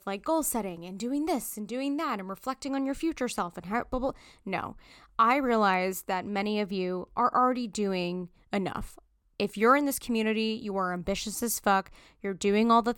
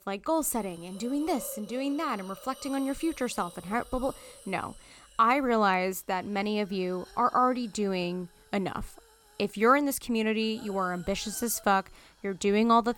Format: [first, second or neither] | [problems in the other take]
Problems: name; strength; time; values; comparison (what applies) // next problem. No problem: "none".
first | hiss; faint; throughout; 20 dB below the speech